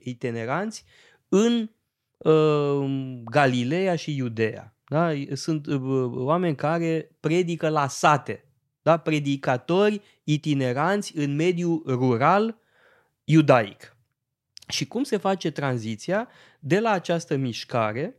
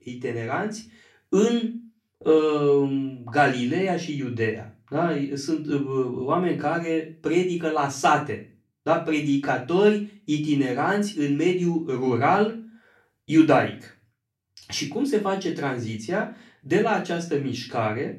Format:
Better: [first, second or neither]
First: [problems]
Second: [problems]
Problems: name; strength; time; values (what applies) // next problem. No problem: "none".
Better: first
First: none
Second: off-mic speech; far // room echo; very slight; dies away in 0.3 s